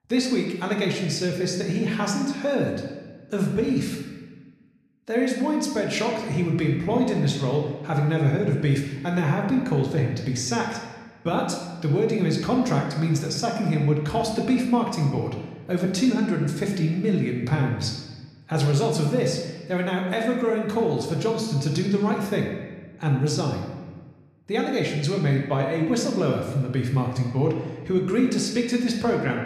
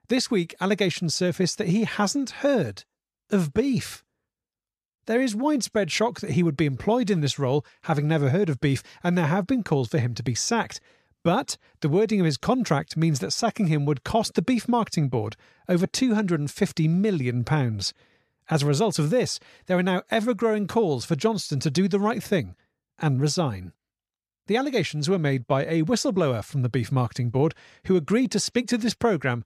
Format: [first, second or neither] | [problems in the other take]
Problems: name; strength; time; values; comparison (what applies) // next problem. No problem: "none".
second | room echo; noticeable; dies away in 1.1 s // off-mic speech; somewhat distant